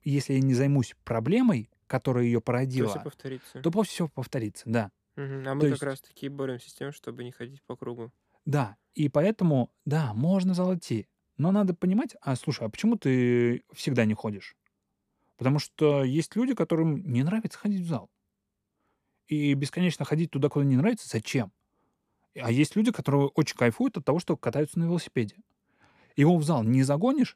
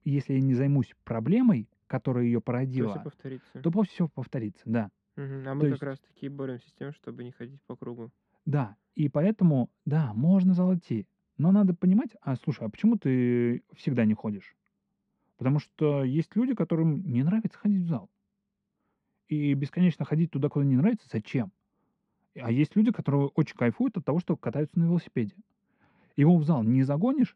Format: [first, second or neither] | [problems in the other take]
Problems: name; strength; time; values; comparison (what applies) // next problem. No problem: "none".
first | muffled; slightly; fading above 3 kHz